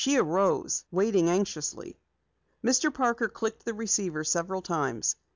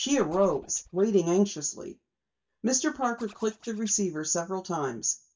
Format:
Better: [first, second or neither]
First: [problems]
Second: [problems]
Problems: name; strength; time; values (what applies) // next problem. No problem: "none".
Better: first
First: none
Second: noise reduction (neural mask model DeepFilterNet 3)